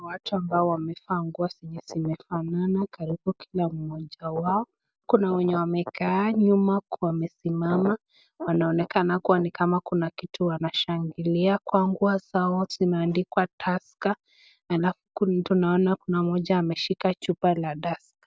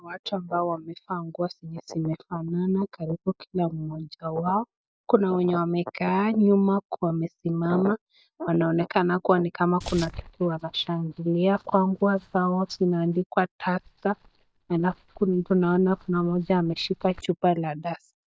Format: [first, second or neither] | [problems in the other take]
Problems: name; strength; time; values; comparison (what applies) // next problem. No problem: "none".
first | noise reduction (neural mask model DeepFilterNet 3)